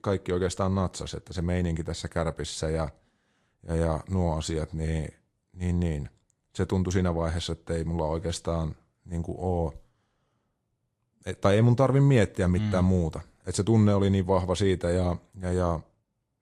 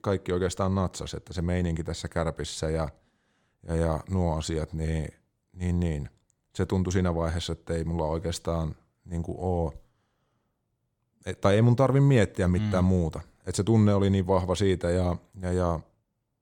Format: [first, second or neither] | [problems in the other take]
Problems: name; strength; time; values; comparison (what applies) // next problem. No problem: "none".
second | garbled, watery; slightly